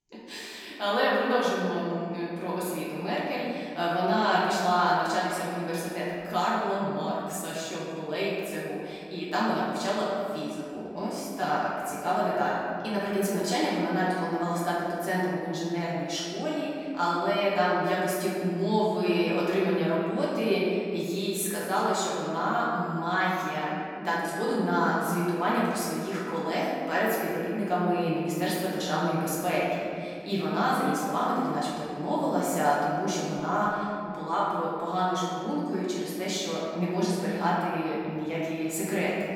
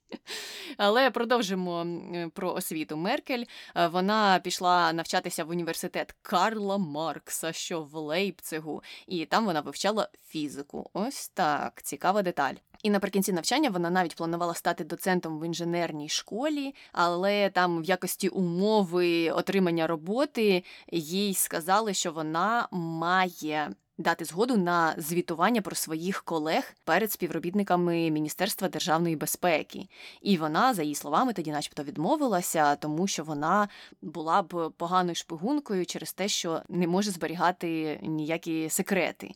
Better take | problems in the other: second | room echo; strong; dies away in 2.2 s // off-mic speech; far

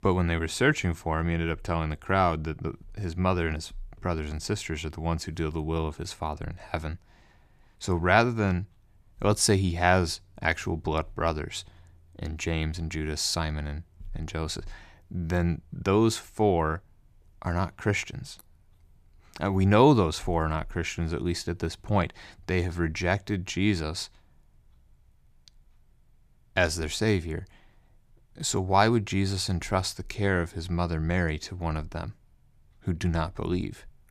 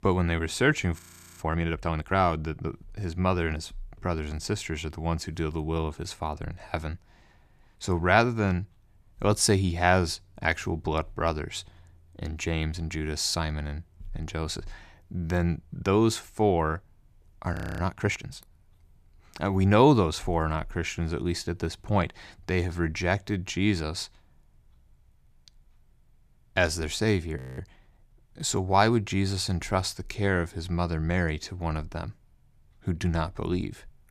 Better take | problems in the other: first | audio freezing; at 1 s, at 18 s and at 27 s

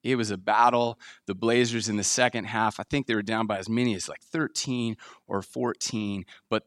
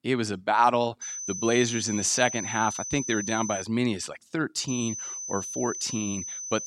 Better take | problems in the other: first | high-pitched whine; loud; from 1 to 3.5 s and from 4.5 s on; 6 kHz, 6 dB below the speech

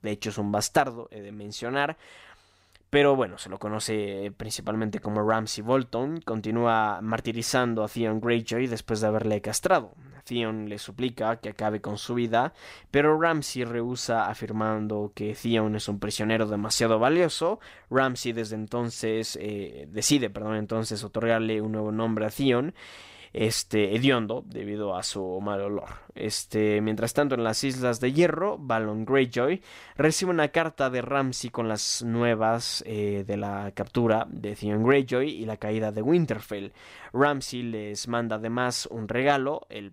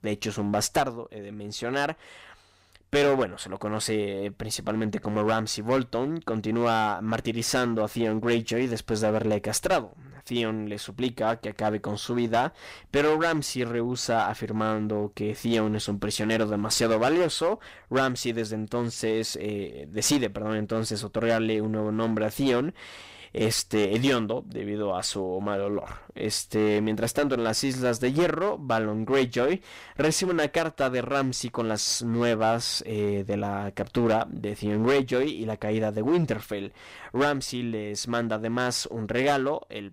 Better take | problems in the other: first | distortion; slight; 7% of the sound clipped

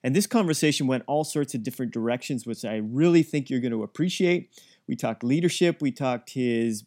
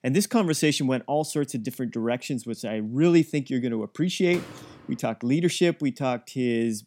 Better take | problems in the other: first | door banging; faint; at 4.5 s; peak 15 dB below the speech

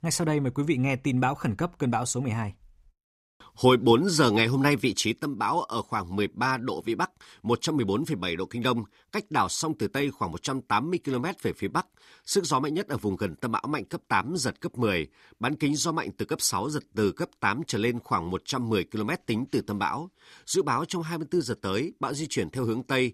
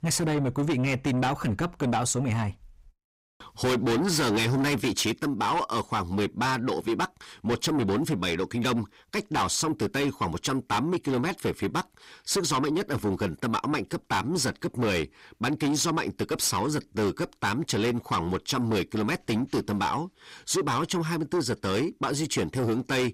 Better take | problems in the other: first | distortion; heavy; 6 dB below the speech

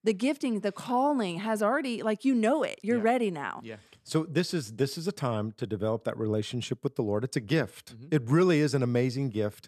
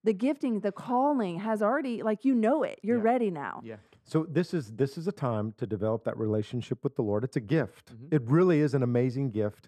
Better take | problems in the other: first | muffled; slightly; fading above 2 kHz

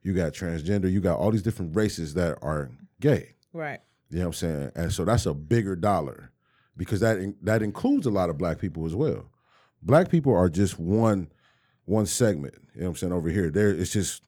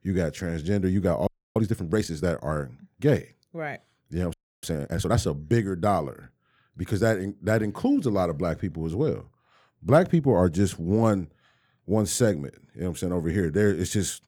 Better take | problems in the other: first | audio freezing; at 1.5 s and at 4.5 s

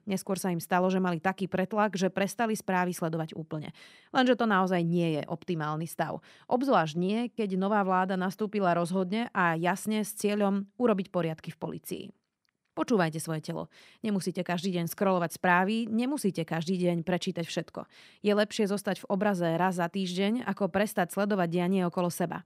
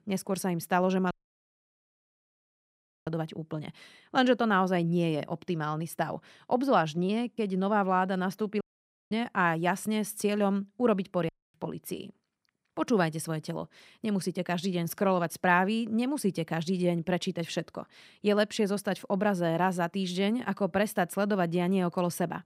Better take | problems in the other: first | audio cutting out; at 1 s for 2 s, at 8.5 s for 0.5 s and at 11 s

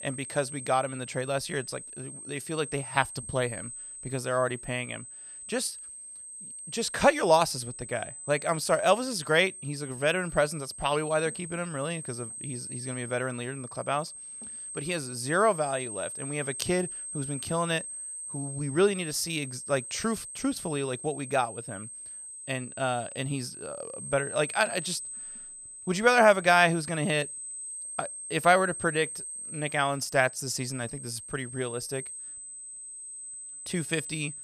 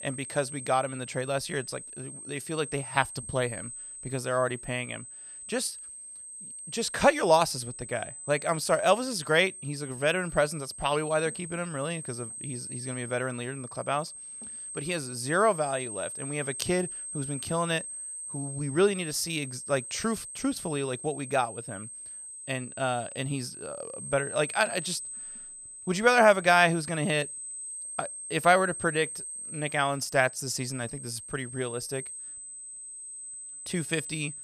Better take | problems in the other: neither | high-pitched whine; loud; throughout; 8.5 kHz, 9 dB below the speech; the same in both

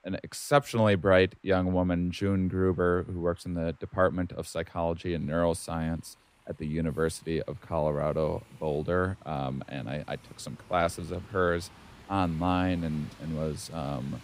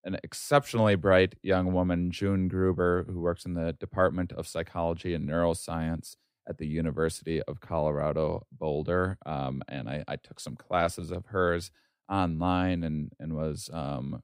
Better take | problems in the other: second | traffic noise; faint; throughout; 25 dB below the speech

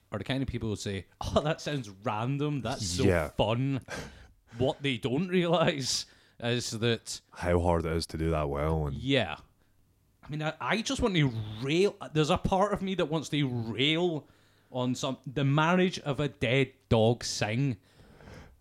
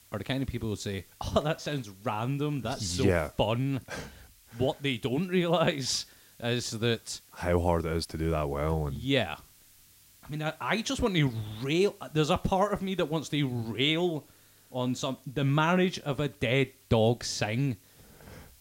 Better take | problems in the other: first | hiss; faint; throughout; 25 dB below the speech

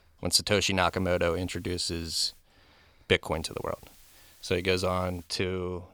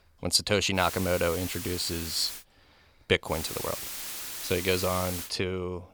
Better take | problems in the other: first | hiss; loud; from 1 to 2.5 s and from 3.5 to 5.5 s; 7 dB below the speech; faint in the first

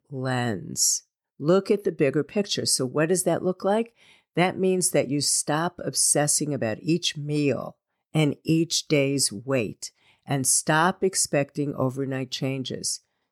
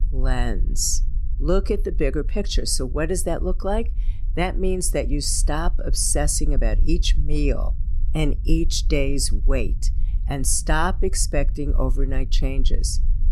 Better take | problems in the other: first | low rumble; faint; throughout; 20 dB below the speech

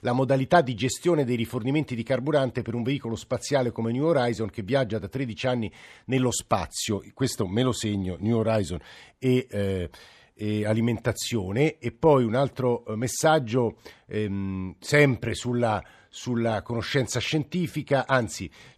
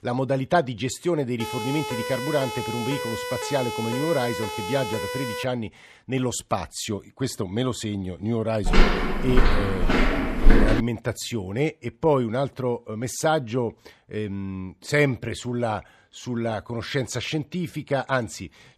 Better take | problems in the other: first | siren; noticeable; from 1.5 to 5.5 s; peak 3 dB below the speech // footsteps; loud; from 8.5 to 11 s; peak 6 dB above the speech

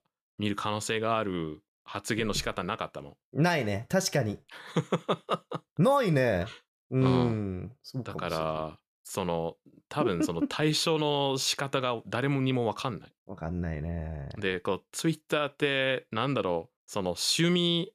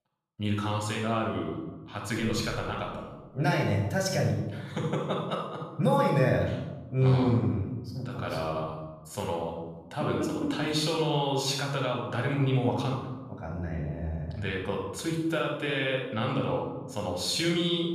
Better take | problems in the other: first | off-mic speech; somewhat distant // room echo; noticeable; dies away in 1 s

